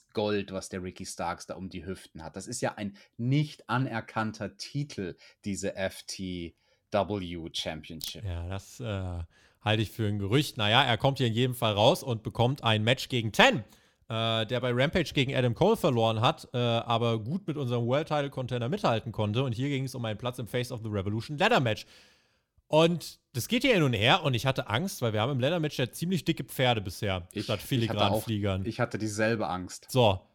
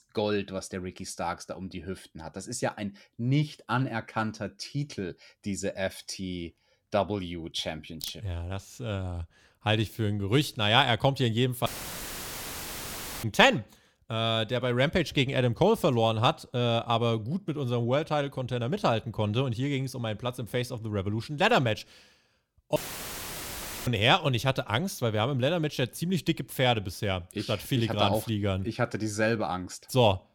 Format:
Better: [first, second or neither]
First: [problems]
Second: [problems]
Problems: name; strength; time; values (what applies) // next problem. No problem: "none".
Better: first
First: none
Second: audio cutting out; filled with static; at 12 s for 1.5 s and at 23 s for 1 s